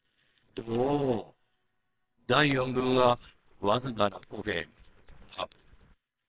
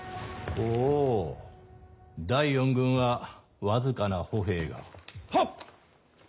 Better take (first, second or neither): second